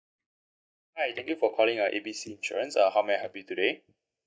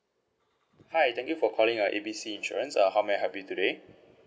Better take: second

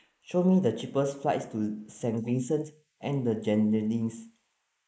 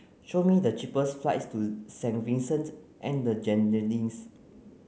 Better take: second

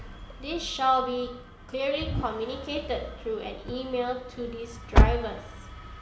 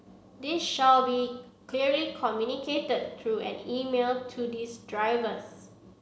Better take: second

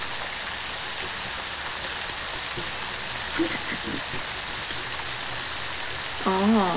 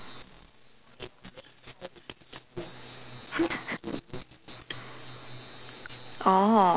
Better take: second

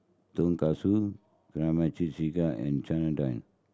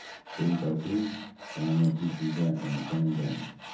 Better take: first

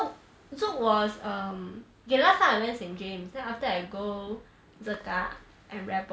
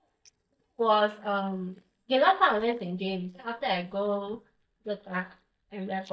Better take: first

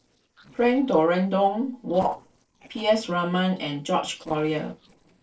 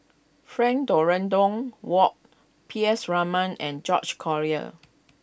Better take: second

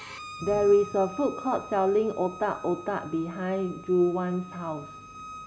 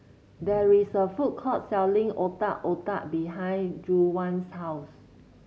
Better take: second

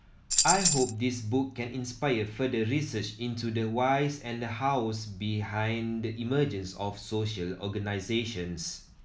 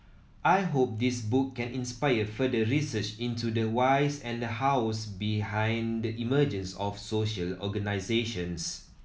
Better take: second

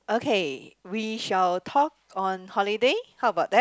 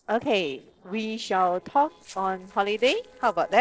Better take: first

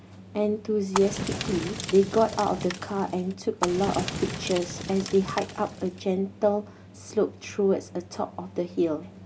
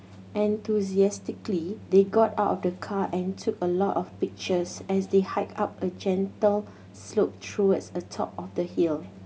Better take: second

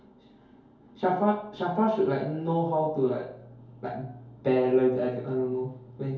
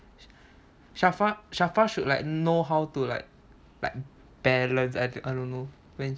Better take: second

